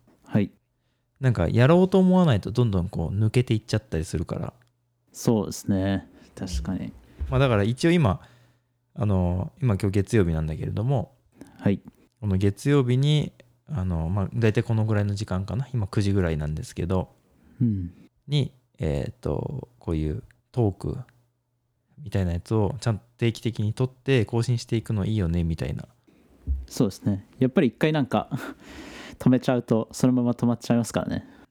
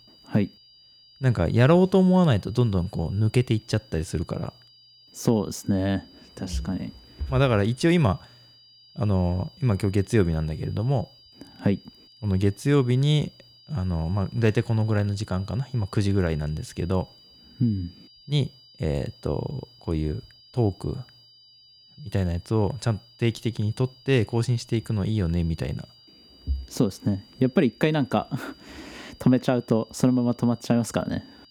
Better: first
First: none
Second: high-pitched whine; faint; throughout; 5 kHz, 25 dB below the speech

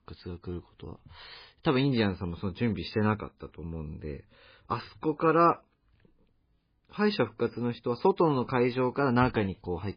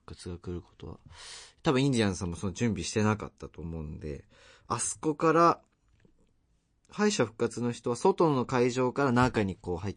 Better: second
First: garbled, watery; badly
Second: garbled, watery; slightly; nothing above 9 kHz

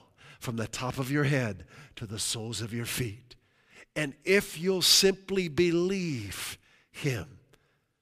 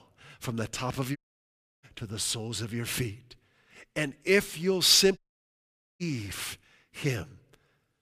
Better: first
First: none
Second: audio cutting out; at 1 s for 0.5 s and at 5 s for 1 s

